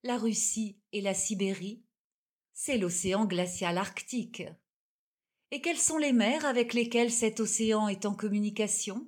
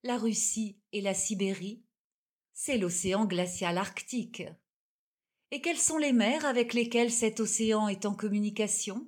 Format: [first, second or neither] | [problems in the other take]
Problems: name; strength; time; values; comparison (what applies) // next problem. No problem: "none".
neither | none